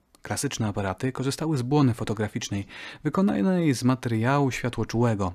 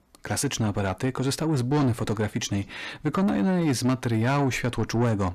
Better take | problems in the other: first | distortion; slight; 10 dB below the speech

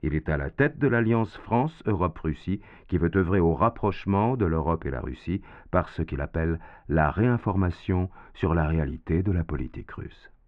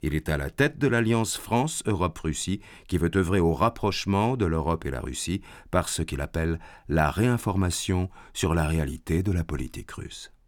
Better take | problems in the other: second | muffled; very; fading above 2 kHz

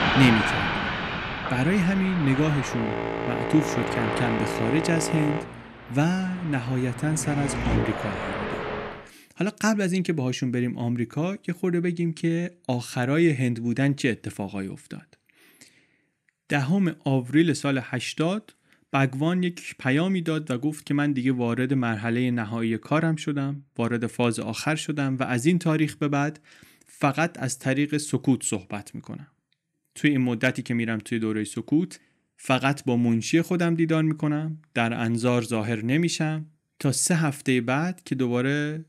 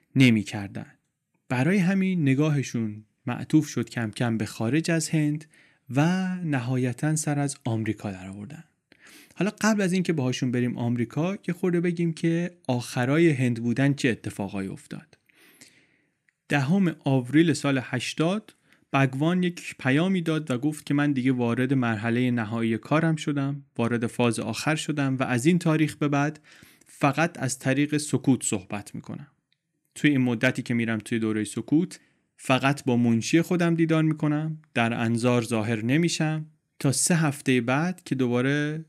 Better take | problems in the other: second | train or aircraft noise; loud; until 9 s; 3 dB below the speech

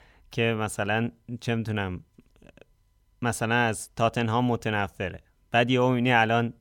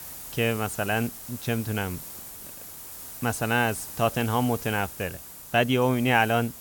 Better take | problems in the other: first | hiss; noticeable; throughout; 10 dB below the speech

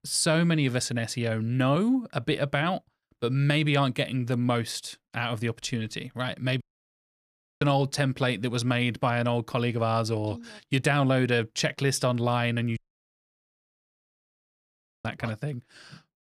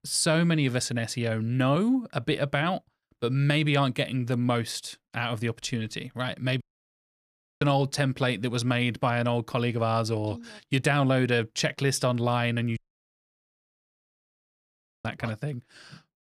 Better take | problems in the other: neither | audio cutting out; at 6.5 s for 1 s and at 13 s for 2.5 s; the same in both

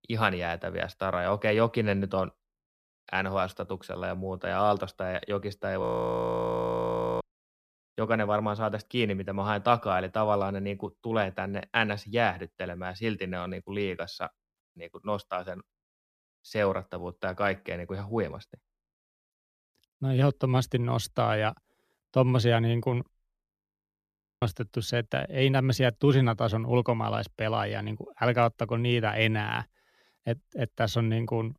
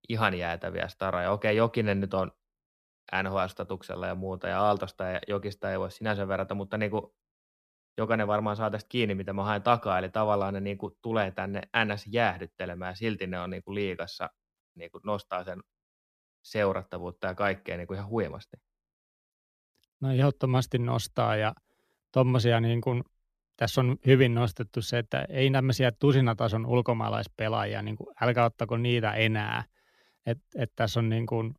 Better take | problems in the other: second | audio freezing; at 6 s for 1.5 s and at 23 s for 1 s

